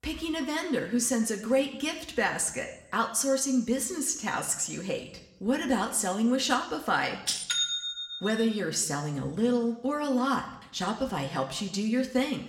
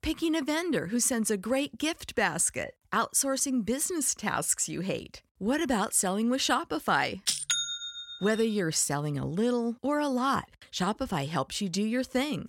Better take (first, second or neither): second